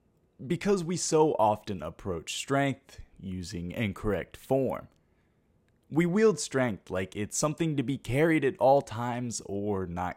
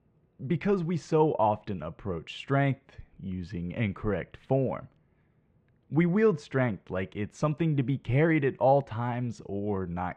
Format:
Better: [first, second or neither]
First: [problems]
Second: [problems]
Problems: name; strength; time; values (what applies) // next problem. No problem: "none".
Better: first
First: none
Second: muffled; very; fading above 2.5 kHz